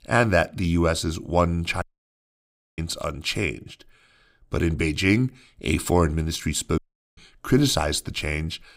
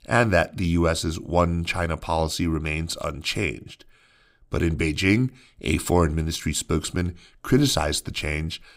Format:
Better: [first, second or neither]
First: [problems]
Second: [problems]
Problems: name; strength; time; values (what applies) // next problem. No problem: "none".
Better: second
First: audio cutting out; at 2 s for 1 s and at 7 s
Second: none